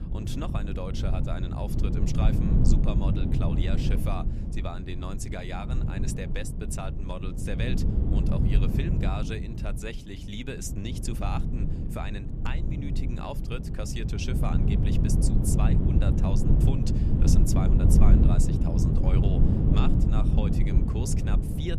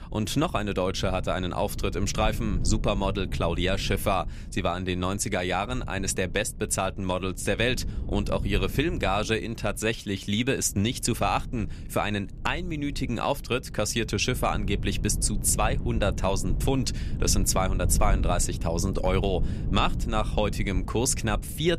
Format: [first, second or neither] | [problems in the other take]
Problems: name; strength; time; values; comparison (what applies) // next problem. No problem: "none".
second | wind noise on the microphone; heavy; 1 dB above the speech; occasional gusts in the second